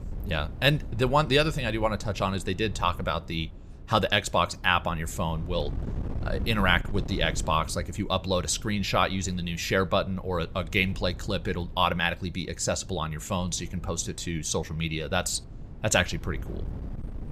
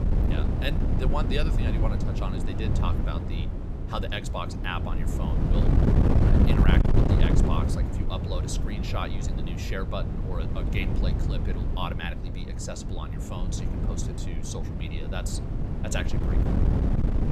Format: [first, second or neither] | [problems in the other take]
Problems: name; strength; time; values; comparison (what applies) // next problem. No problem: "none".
first | wind noise on the microphone; heavy; 1 dB below the speech; occasional gusts in the first